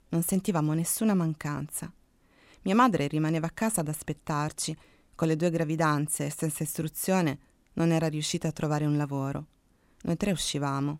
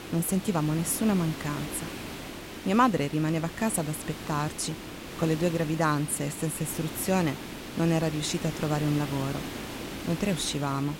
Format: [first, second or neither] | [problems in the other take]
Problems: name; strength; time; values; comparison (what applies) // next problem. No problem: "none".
first | hiss; loud; throughout; 10 dB below the speech